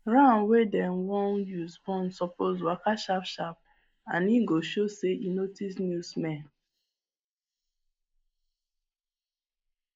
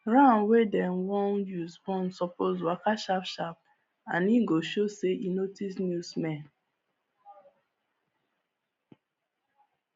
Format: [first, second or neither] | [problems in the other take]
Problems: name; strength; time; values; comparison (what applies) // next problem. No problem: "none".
second | noise reduction (neural mask model Resemble Enhance denoiser)